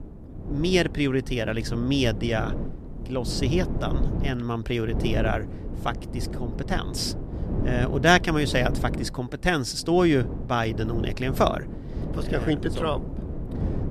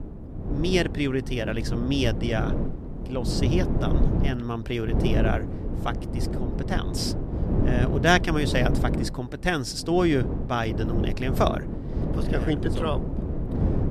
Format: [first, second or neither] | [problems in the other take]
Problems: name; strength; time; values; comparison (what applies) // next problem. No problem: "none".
first | wind noise on the microphone; heavy; 7 dB below the speech; occasional gusts in the first